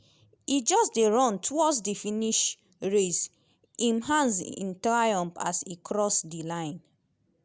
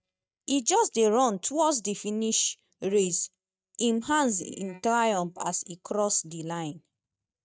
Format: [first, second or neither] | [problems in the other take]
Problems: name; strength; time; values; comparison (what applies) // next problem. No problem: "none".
first | noise reduction (neural mask model DeepFilterNet 3)